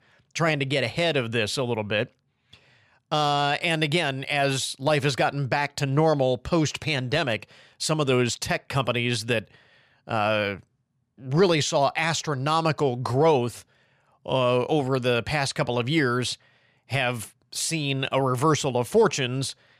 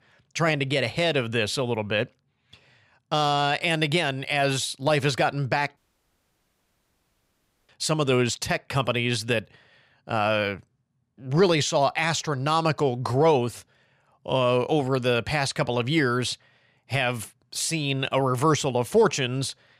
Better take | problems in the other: first | audio cutting out; at 6 s for 2 s

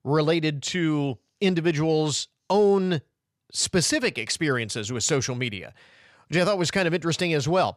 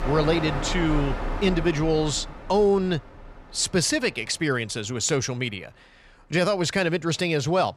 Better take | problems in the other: first | train or aircraft noise; loud; throughout; 8 dB below the speech

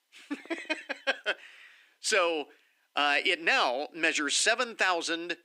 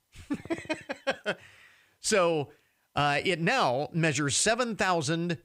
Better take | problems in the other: second | thin; somewhat; fading below 250 Hz

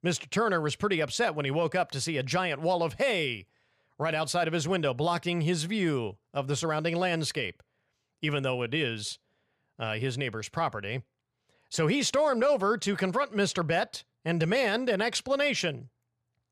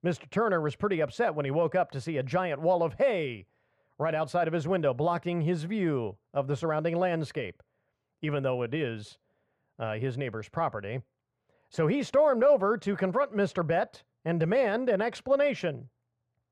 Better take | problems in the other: first | muffled; very; fading above 2.5 kHz

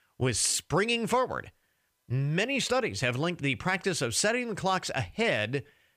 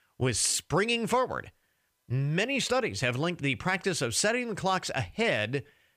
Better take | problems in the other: neither | none

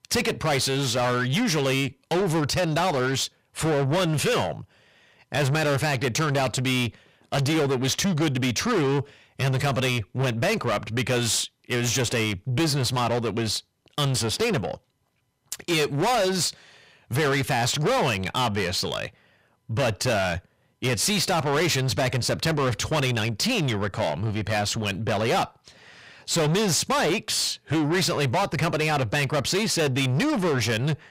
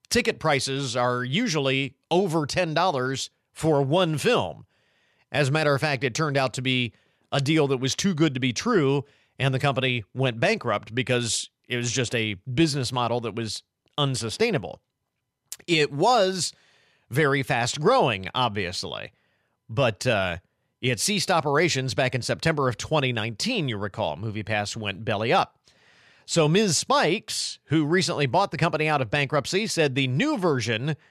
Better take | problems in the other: second | distortion; heavy; 6 dB below the speech

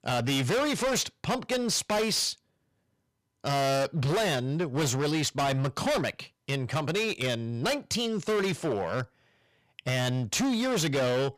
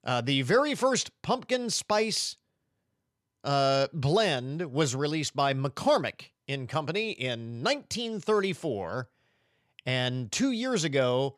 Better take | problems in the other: second | distortion; heavy; 22% of the sound clipped

